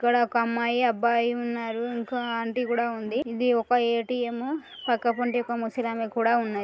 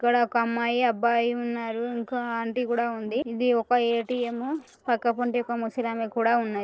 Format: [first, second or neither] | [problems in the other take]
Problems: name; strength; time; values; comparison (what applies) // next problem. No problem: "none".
first | noise reduction (neural separator model SepFormer DNS4)